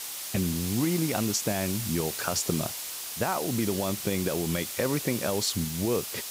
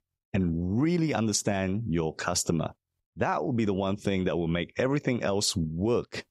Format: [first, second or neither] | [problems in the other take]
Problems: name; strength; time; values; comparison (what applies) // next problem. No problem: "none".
second | hiss; loud; throughout; 4 dB below the speech